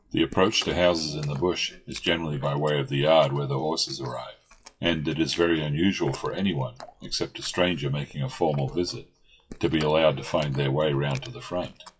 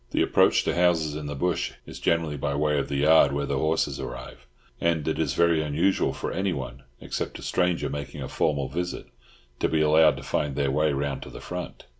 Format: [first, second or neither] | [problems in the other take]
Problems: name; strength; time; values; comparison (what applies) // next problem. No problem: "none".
second | noise reduction (classical method WPE with log-MMSE)